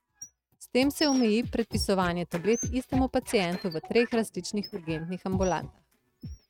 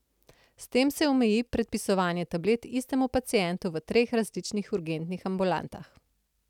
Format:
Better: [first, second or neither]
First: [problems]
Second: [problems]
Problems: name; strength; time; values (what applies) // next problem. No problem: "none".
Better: second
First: noise reduction (neural mask model RNNoise)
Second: none